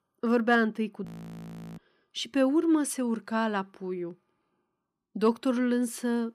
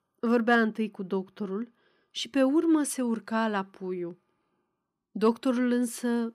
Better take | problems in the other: second | audio freezing; at 1 s for 0.5 s

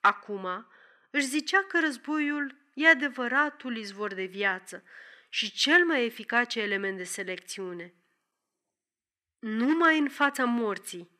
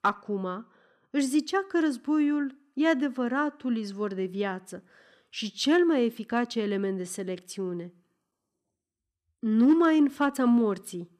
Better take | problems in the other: second | thin; somewhat; fading below 1 kHz

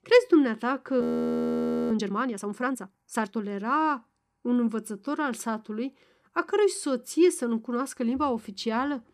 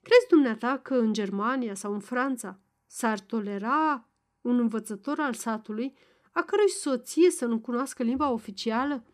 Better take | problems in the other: second | audio freezing; at 1 s for 1 s

